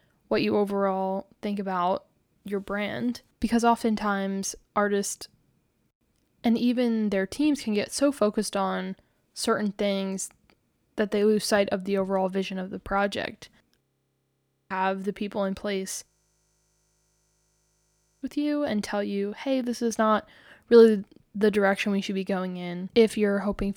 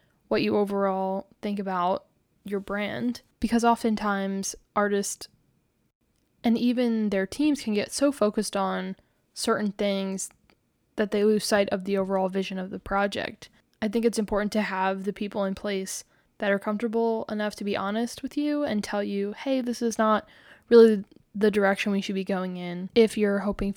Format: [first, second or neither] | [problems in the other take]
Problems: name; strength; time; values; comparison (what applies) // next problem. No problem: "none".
second | audio freezing; at 14 s for 1 s and at 16 s for 2 s